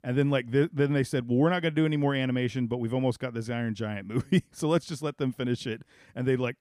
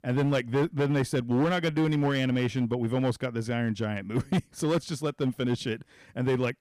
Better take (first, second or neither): first